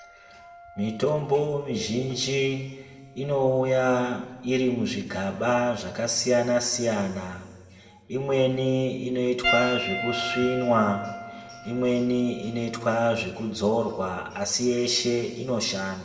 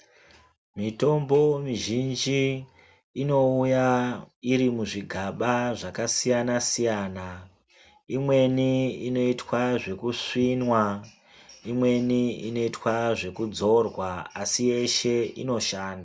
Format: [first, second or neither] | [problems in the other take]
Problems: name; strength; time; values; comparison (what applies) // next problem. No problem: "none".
second | background sound (Piano); 12 dB below the speech // room echo; dies away in 1.8 s